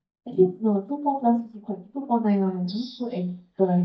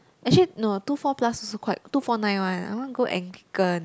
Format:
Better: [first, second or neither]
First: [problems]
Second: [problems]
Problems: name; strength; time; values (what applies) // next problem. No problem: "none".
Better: second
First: noise reduction (neural mask model DeepFilterNet 3)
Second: none